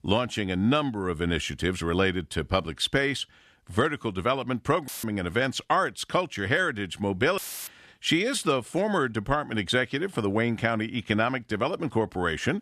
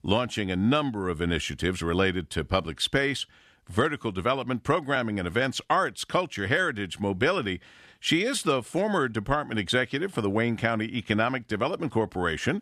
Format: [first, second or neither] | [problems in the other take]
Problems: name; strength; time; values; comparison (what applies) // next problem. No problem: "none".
second | audio cutting out; filled with static; at 5 s and at 7.5 s